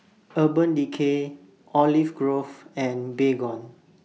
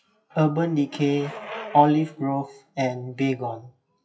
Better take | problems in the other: first | noise reduction (classical method WPE with log-MMSE)

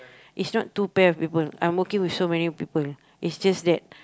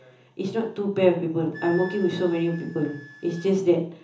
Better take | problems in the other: first | background sound (Wind instrument, woodwind instrument); 20 dB below the speech // room echo; dies away in 0.7 s

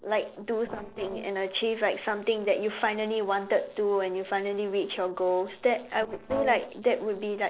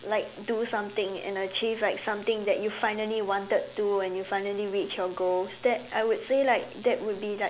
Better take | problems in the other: second | noise reduction (neural separator model SepFormer DNS4)

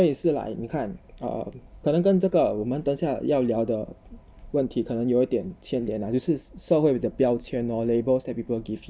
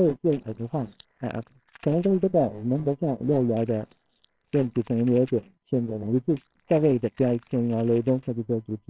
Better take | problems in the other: first | noise reduction (neural separator model SepFormer WHAMR!)

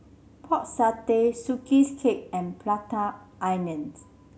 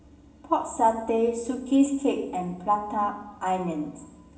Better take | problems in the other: first | room echo; dies away in 0.9 s

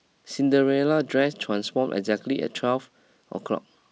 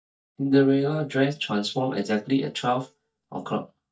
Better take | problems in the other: first | noise reduction (neural mask model DeepFilterNet 3)

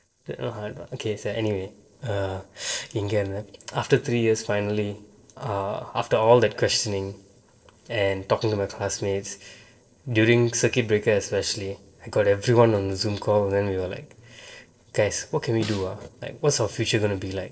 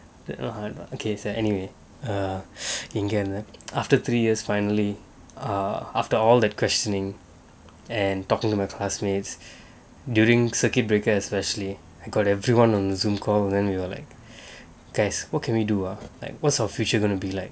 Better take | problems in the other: second | noise reduction (neural separator model SepFormer DNS4)

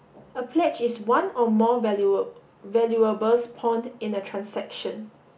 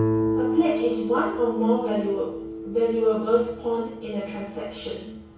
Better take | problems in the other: first | background sound (Guitar); 4 dB below the speech // room echo; dies away in 0.6 s

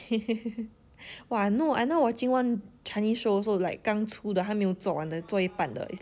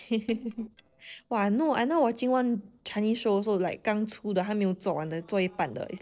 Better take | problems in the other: first | noise reduction (neural separator model SepFormer DNS4)

